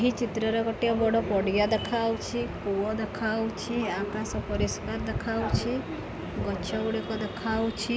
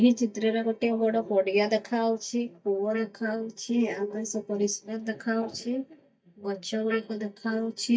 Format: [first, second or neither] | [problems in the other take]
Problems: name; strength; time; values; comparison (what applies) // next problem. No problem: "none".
first | noise reduction (neural mask model DeepFilterNet 3)